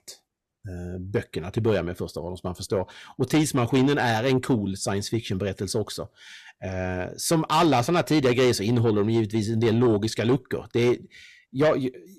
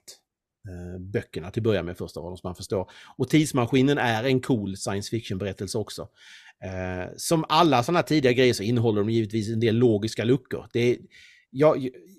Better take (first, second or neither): second